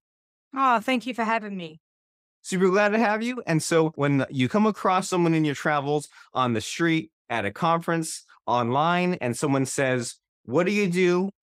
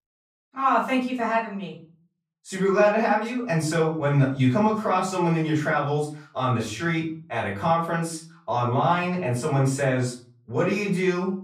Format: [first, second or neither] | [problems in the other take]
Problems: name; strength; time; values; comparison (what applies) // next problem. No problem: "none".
first | off-mic speech; far // room echo; slight; dies away in 0.4 s